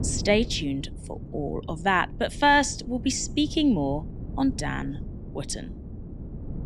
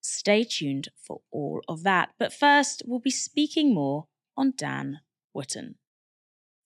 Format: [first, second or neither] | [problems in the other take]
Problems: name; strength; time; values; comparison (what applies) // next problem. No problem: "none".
second | wind noise on the microphone; occasional gusts; 20 dB below the speech